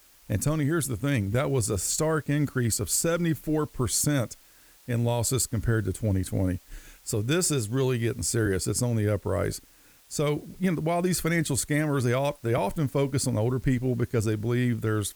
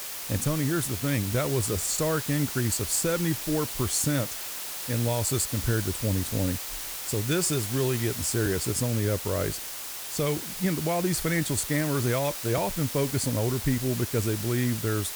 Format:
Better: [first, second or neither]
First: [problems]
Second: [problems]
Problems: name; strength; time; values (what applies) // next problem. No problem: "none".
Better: first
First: hiss; faint; throughout; 25 dB below the speech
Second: hiss; loud; throughout; 4 dB below the speech